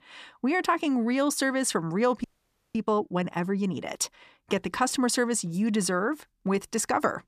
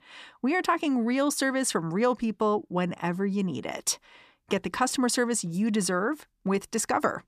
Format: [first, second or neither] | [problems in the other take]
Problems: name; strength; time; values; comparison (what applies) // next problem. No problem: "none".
second | audio freezing; at 2 s for 0.5 s